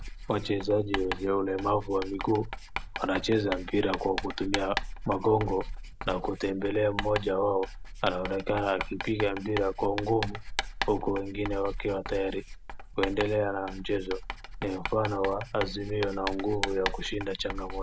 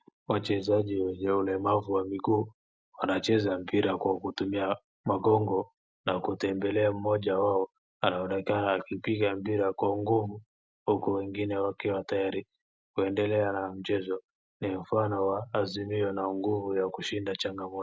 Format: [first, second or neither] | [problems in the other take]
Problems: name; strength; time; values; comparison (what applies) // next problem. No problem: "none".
second | background sound (Writing); 7 dB below the speech